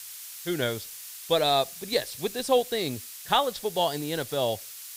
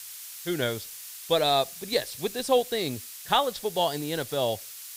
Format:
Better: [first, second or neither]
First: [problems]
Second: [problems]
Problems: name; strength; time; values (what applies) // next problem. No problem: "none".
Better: neither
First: hiss; noticeable; throughout; 10 dB below the speech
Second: hiss; noticeable; throughout; 10 dB below the speech